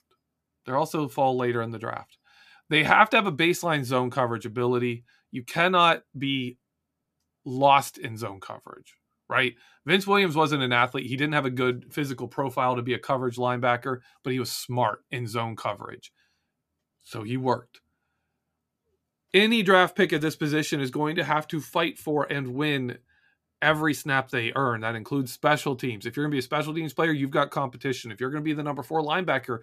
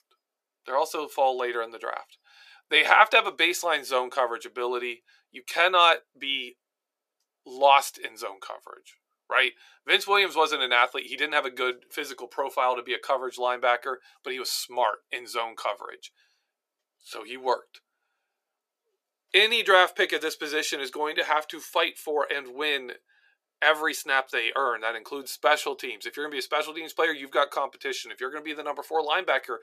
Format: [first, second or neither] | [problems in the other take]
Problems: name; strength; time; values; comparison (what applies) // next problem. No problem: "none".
first | thin; very; fading below 450 Hz